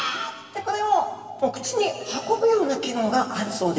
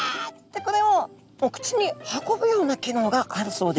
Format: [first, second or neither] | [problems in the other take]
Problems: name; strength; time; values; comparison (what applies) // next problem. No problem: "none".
second | room echo; dies away in 1.9 s